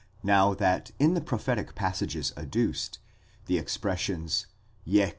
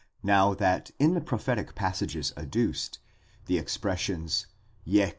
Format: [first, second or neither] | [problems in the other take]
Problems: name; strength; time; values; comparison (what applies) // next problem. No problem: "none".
first | noise reduction (neural mask model Resemble Enhance denoiser)